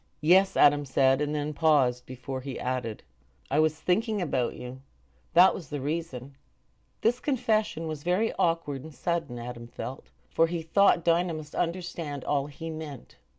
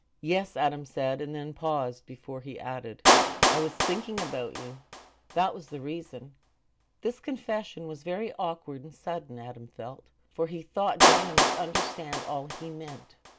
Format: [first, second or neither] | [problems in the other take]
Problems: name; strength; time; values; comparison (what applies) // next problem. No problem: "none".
first | background sound (Clapping); 3 dB above the speech